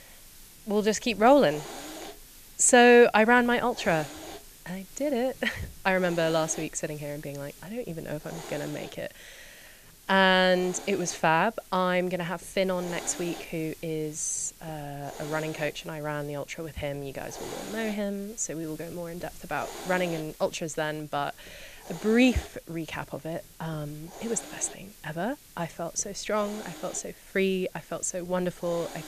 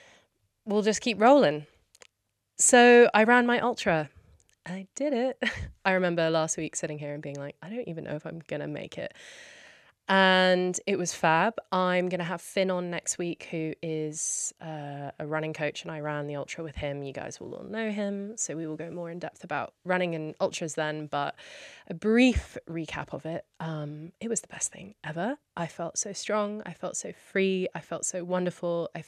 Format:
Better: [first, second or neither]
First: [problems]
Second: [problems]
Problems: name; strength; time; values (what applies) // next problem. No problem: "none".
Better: second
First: hiss; noticeable; throughout; 20 dB below the speech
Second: none